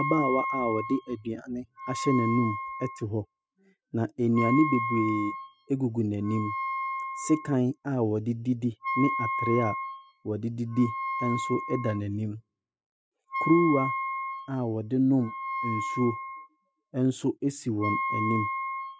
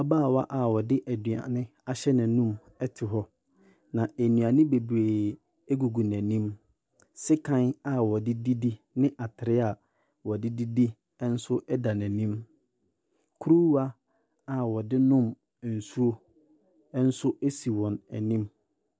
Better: second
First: noise reduction (classical method spectral subtraction)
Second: none

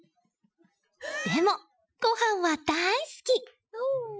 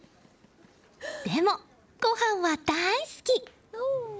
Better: second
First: noise reduction (classical method Wiener filter)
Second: none

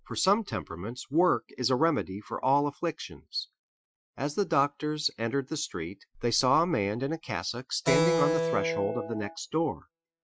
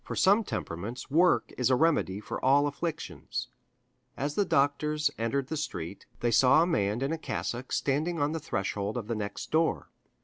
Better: second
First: noise reduction (classical method Wiener filter)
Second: none

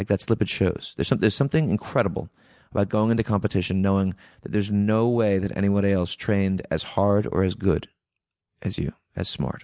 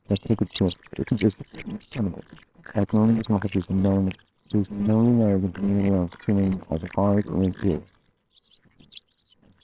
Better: first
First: none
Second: noise reduction (neural separator model SepFormer WHAMR!)

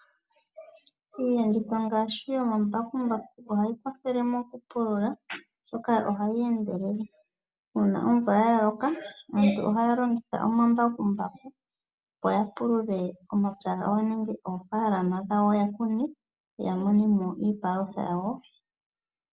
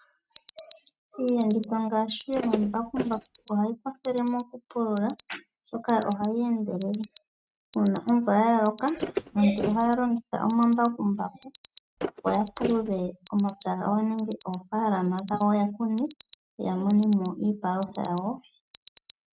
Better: first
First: none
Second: noise reduction (neural mask model RNNoise)

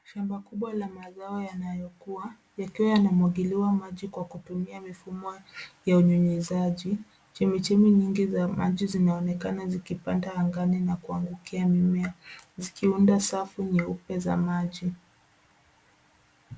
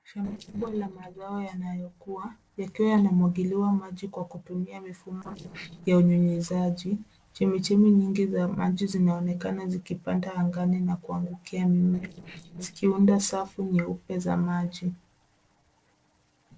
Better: first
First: none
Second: noise reduction (neural separator model SepFormer DNS4)

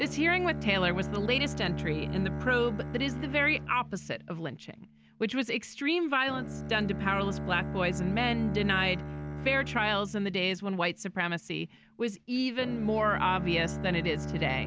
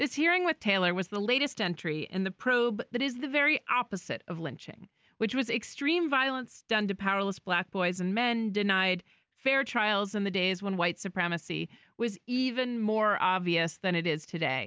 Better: second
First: background sound (Bowed string instrument); 7 dB below the speech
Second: none

